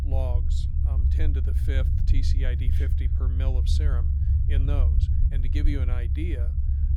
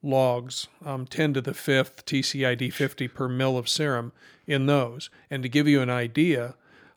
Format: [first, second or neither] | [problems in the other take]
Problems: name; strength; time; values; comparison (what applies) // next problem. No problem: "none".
second | low rumble; loud; throughout; 2 dB below the speech